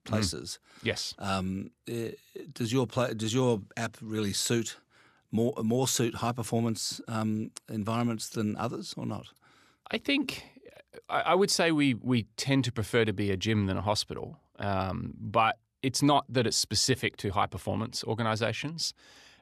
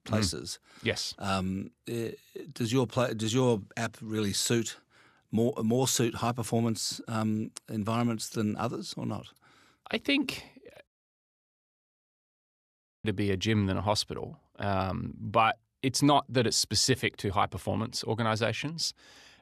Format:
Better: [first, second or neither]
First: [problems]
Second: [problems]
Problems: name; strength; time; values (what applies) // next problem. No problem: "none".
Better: first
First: none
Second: audio cutting out; at 11 s for 2 s